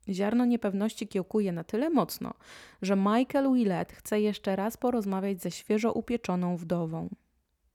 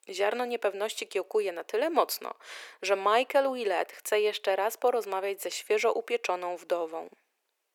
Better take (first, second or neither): first